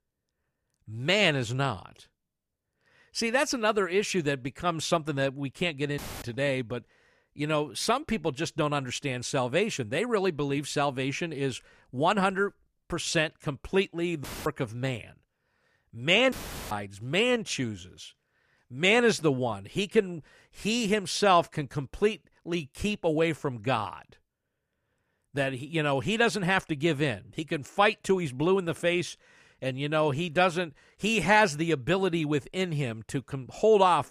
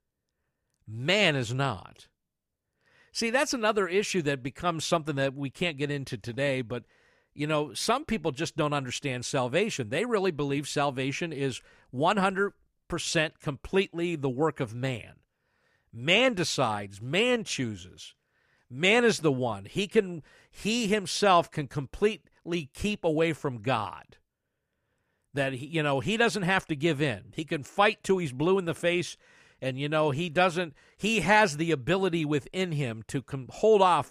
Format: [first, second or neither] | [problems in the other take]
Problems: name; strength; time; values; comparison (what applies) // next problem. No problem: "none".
second | audio cutting out; filled with static; at 6 s, at 14 s and at 16 s